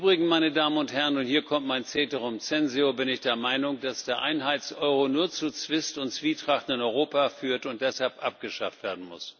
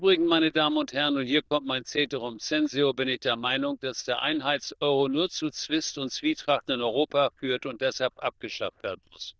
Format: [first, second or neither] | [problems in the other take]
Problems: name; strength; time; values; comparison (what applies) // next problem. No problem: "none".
first | noise reduction (neural diffusion model UNIVERSE++)